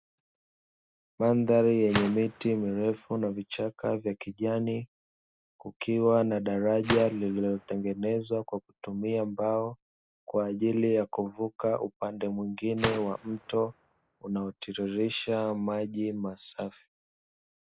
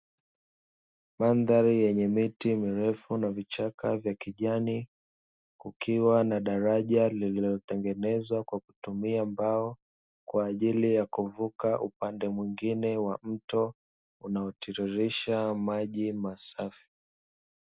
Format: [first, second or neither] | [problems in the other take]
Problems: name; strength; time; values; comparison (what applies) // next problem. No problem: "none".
second | background sound (Gunshot, gunfire); 13 dB below the speech